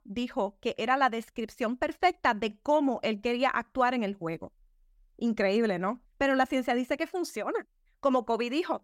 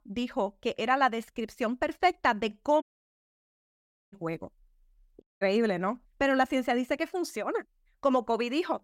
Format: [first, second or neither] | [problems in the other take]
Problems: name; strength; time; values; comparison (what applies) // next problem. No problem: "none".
first | audio cutting out; at 3 s for 1.5 s and at 5 s